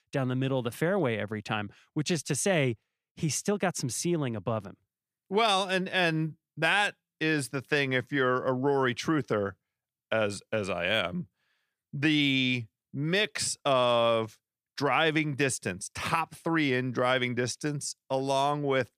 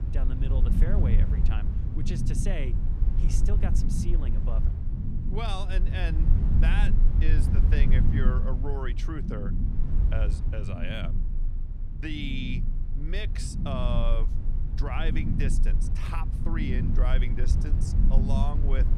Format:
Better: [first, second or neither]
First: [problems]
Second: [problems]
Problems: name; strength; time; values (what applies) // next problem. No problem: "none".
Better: first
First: none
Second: low rumble; loud; throughout; 4 dB below the speech